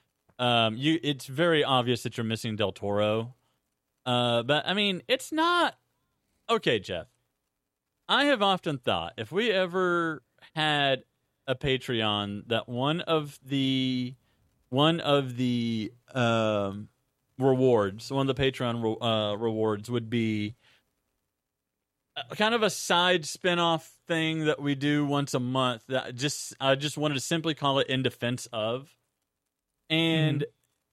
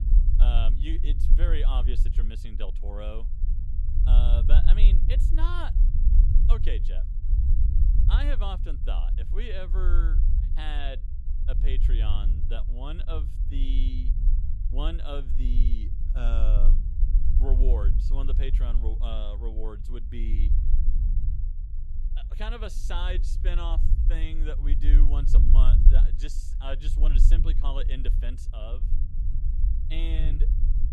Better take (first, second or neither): first